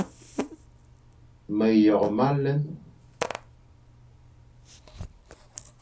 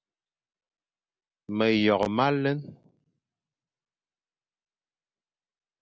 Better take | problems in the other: second | background sound (Fart); 12 dB below the speech // room echo; dies away in 0.3 s

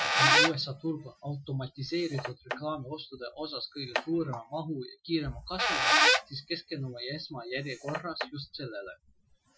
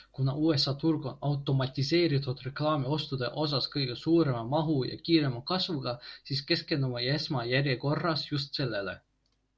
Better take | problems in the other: second | noise reduction (classical method Wiener filter)

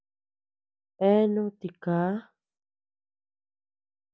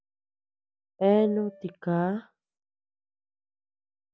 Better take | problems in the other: first | background sound (Piano); 13 dB below the speech

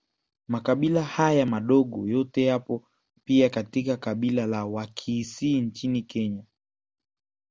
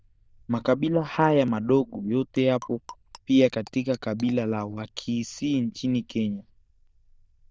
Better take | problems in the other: first | noise reduction (neural diffusion model UNIVERSE++)

